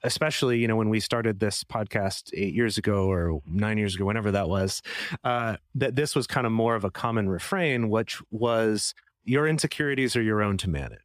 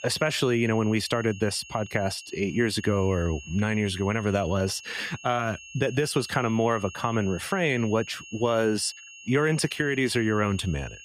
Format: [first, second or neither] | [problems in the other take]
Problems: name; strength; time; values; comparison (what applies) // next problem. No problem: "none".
first | high-pitched whine; noticeable; throughout; 3 kHz, 15 dB below the speech